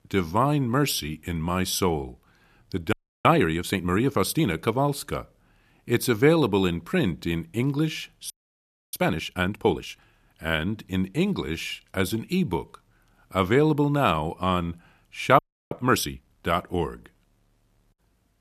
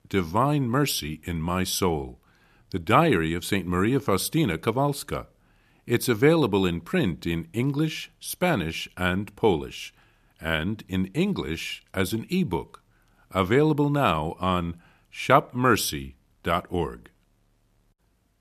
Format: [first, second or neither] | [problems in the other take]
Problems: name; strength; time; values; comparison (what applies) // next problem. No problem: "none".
second | audio freezing; at 3 s, at 8.5 s for 0.5 s and at 15 s